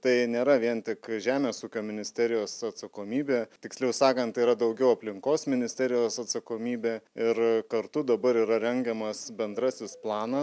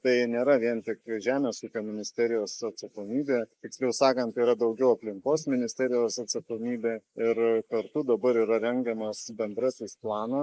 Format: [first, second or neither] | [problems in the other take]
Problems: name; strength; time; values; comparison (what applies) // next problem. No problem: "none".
first | noise reduction (neural mask model Resemble Enhance denoiser)